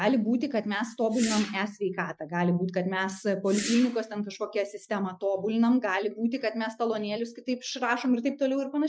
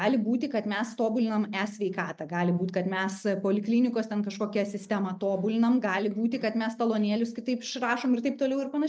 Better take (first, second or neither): second